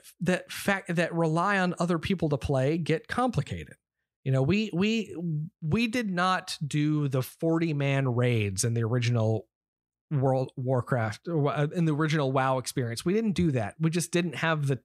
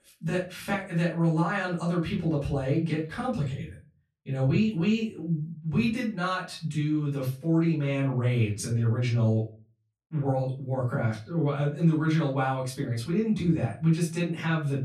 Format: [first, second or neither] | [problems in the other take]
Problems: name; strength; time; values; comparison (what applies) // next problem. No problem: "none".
first | off-mic speech; far // room echo; slight; dies away in 0.3 s